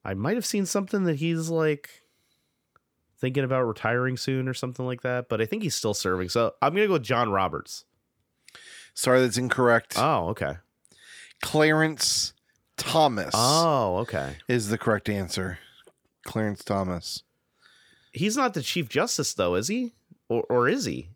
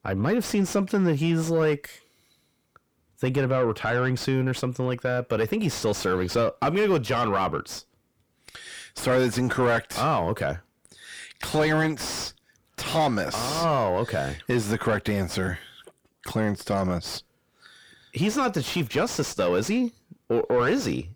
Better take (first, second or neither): first